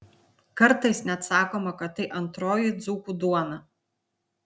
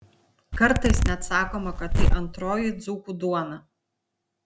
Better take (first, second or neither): first